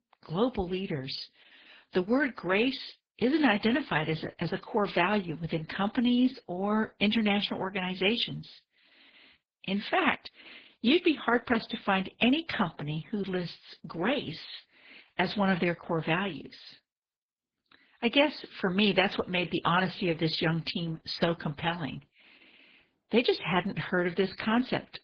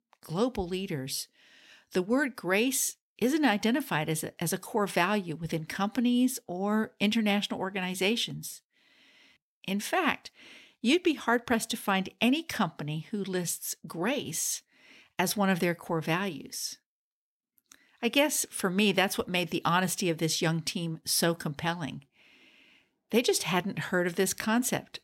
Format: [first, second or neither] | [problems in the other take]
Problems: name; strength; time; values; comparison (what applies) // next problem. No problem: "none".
second | garbled, watery; badly